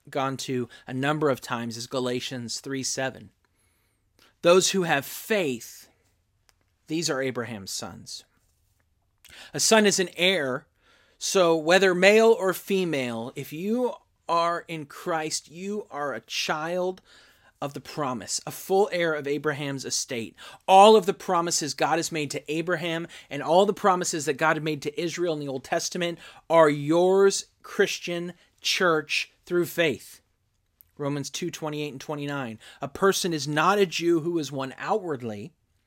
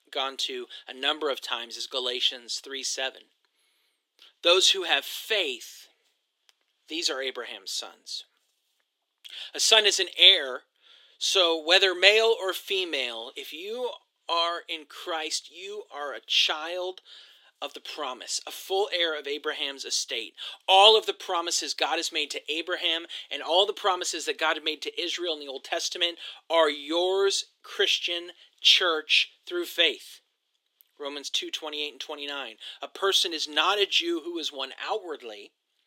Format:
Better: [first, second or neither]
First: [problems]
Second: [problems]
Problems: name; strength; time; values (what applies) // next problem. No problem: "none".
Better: first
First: none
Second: thin; somewhat; fading below 350 Hz